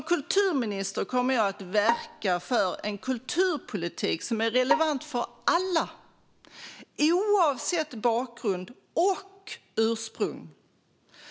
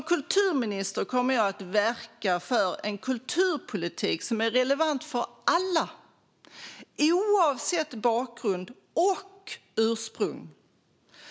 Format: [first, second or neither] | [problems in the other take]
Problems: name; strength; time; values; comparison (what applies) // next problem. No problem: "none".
second | background sound (Bowed string instrument); 8 dB below the speech